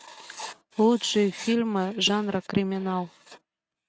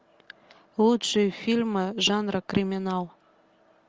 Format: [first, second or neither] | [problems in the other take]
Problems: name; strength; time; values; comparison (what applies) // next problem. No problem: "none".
second | noise reduction (neural mask model RNNoise)